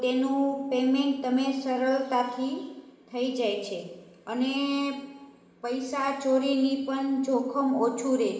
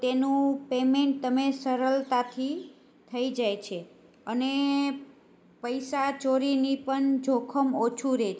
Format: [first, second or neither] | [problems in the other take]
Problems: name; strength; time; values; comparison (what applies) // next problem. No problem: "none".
second | room echo; dies away in 1.1 s